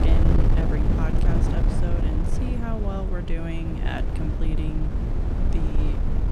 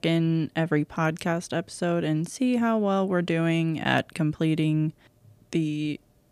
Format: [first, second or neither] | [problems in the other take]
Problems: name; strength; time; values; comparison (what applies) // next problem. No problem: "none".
second | wind noise on the microphone; heavy; 1 dB above the speech